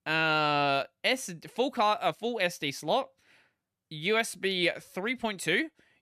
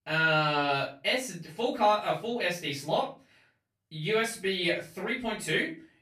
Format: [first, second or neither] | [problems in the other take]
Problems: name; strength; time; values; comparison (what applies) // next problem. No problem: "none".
first | off-mic speech; far // room echo; slight; dies away in 0.3 s